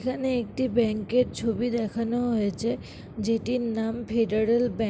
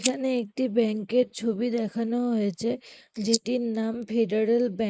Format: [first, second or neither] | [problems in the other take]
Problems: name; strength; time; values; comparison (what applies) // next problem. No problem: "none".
first | noise reduction (neural mask model Resemble Enhance denoiser)